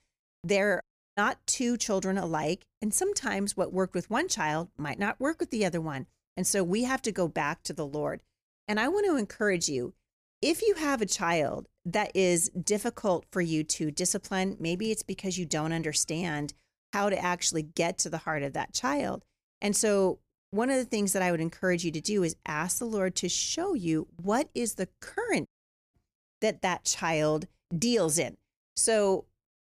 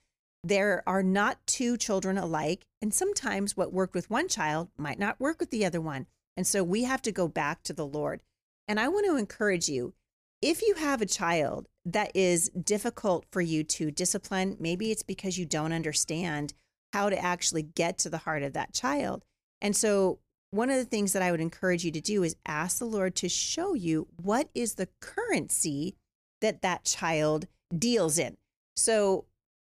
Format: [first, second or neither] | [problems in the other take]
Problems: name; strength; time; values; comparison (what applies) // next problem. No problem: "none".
second | audio cutting out; at 1 s and at 25 s